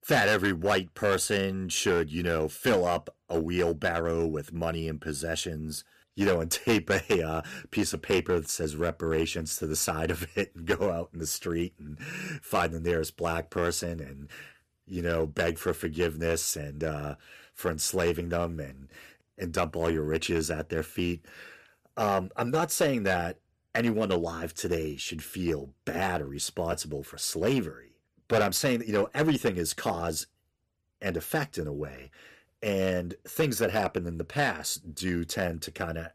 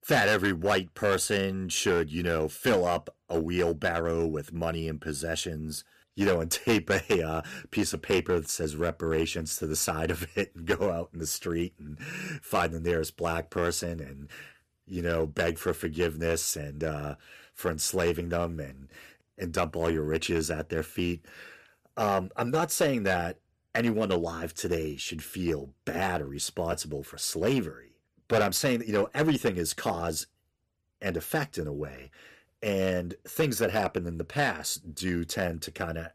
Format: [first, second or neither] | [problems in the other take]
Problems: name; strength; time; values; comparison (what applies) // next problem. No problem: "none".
neither | distortion; slight; 3% of the sound clipped; the same in both